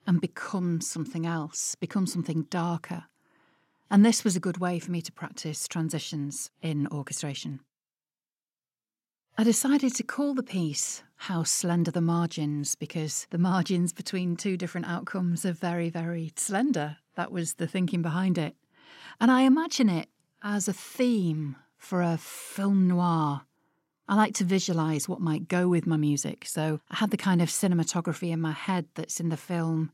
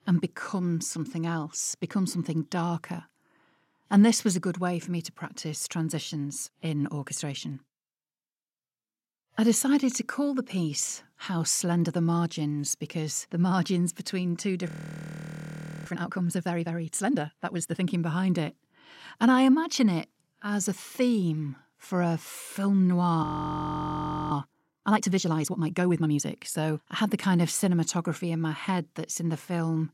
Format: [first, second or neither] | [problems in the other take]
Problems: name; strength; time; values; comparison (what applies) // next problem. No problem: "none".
first | audio freezing; at 15 s for 1 s and at 23 s for 1 s